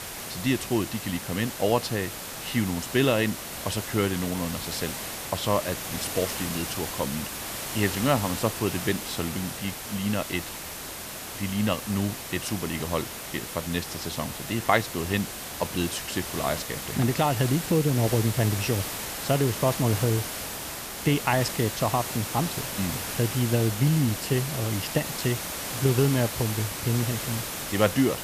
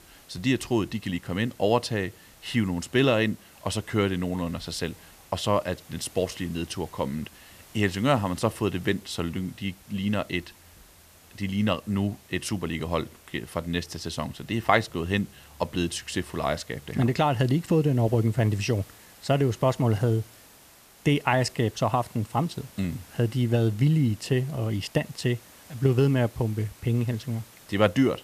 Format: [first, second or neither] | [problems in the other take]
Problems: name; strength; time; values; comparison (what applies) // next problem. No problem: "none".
second | hiss; loud; throughout; 5 dB below the speech; faint in the second